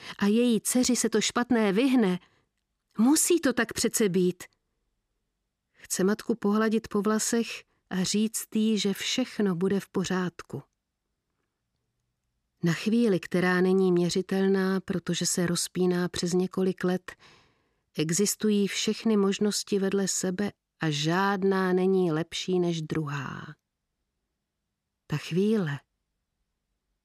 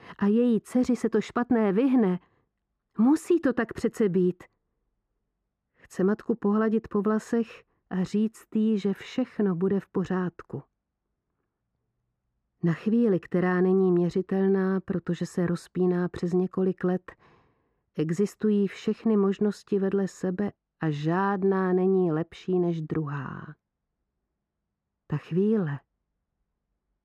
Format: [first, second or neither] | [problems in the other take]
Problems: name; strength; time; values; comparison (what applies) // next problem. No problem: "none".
first | muffled; very; fading above 2.5 kHz